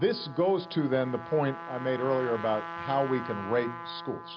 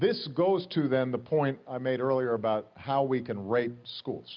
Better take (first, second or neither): second